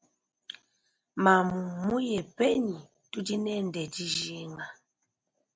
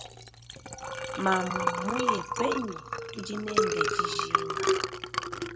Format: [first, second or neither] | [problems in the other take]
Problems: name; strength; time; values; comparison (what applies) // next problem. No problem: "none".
first | background sound (Liquid); 4 dB above the speech